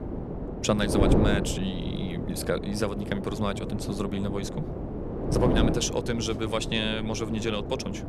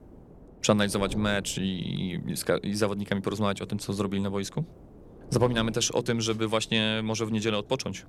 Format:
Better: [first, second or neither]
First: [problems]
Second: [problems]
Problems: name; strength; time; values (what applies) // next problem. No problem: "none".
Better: second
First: wind noise on the microphone; heavy; 4 dB below the speech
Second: wind noise on the microphone; occasional gusts; 20 dB below the speech